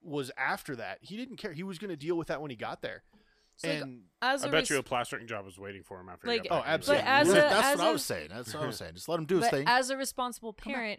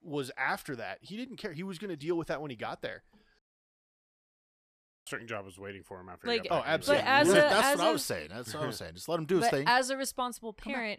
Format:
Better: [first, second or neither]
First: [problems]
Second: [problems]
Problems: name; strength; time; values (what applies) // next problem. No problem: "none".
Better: first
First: none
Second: audio cutting out; at 3.5 s for 1.5 s